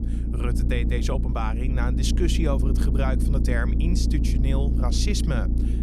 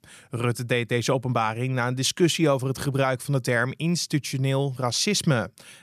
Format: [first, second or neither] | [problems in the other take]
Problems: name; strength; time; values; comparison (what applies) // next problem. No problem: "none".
second | low rumble; loud; throughout; 5 dB below the speech